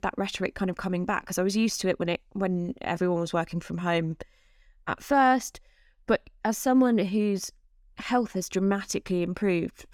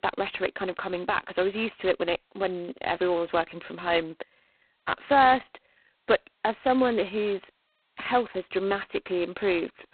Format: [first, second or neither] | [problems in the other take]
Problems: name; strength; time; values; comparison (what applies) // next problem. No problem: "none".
first | phone-call audio; poor line; nothing above 4 kHz